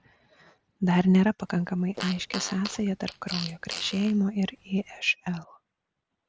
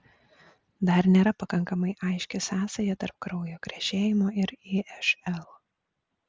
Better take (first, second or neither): second